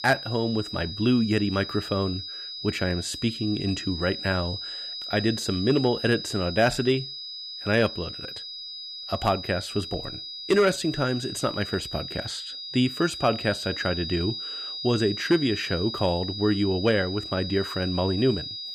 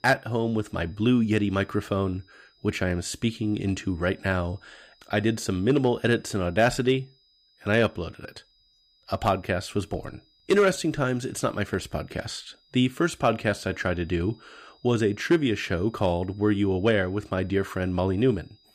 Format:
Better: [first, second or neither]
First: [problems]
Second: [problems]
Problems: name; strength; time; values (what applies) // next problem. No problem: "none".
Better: second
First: high-pitched whine; loud; throughout; 5 kHz, 7 dB below the speech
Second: high-pitched whine; faint; throughout; 5 kHz, 35 dB below the speech